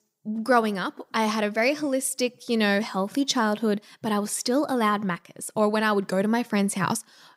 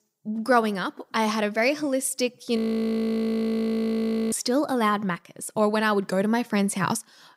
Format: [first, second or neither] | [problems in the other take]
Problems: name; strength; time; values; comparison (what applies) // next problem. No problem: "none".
first | audio freezing; at 2.5 s for 2 s